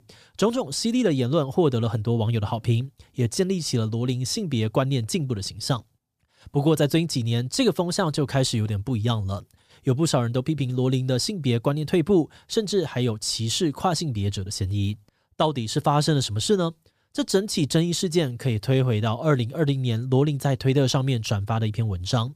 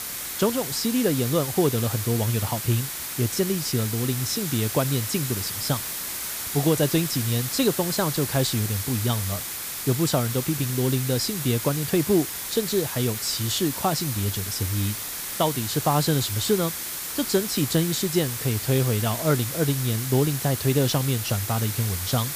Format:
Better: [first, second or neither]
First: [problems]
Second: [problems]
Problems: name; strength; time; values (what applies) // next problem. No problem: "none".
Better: first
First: none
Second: hiss; loud; throughout; 4 dB below the speech